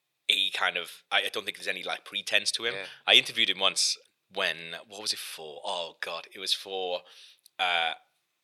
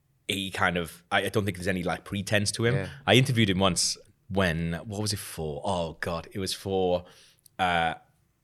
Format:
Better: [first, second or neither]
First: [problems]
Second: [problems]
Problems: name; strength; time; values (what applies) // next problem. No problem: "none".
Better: second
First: thin; very; fading below 550 Hz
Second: none